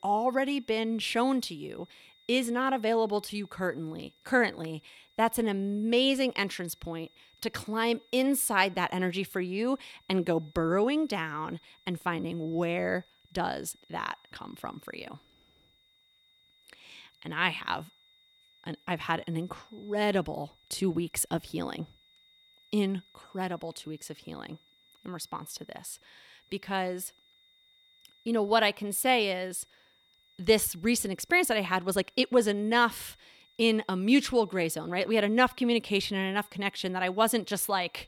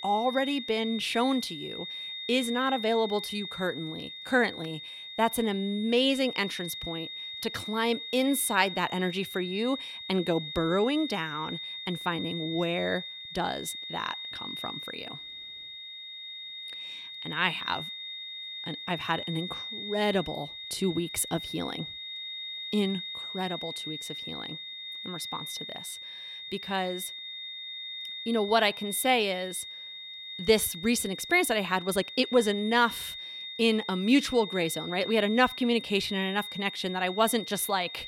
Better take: first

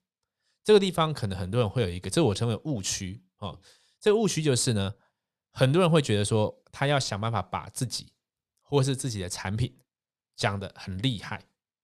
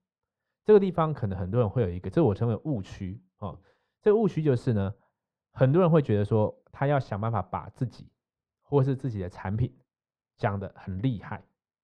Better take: first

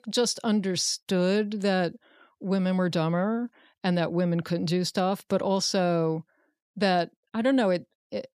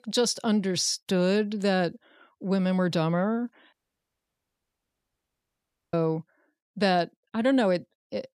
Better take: first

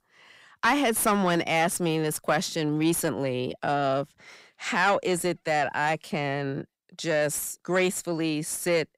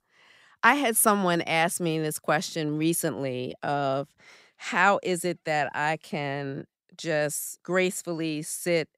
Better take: second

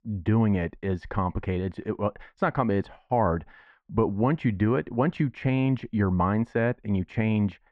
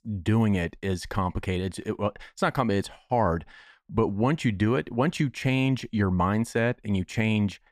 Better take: second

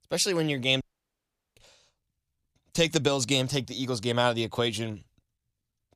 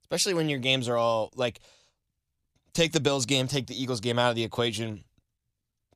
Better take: second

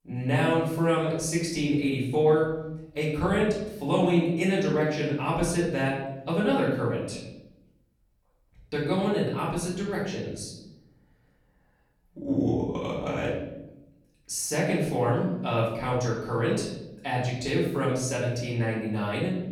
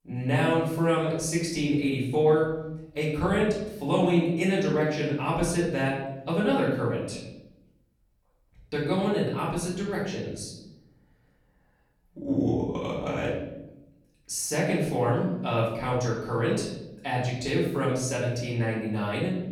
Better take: neither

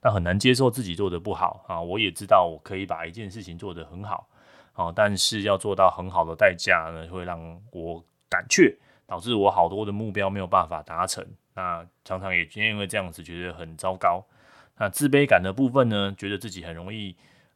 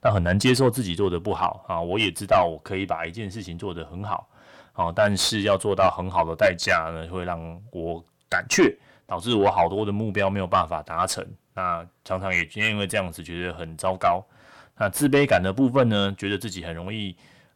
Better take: first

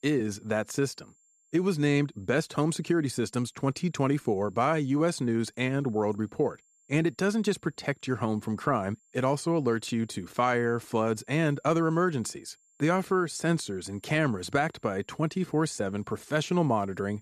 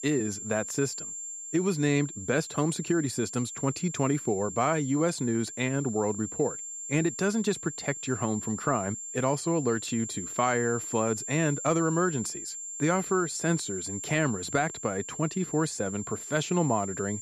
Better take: first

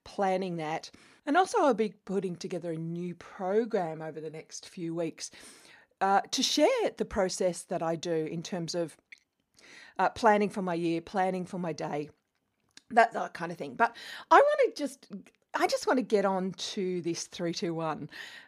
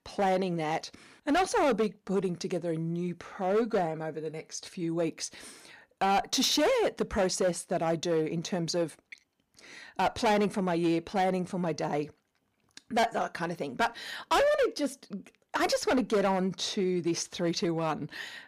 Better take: first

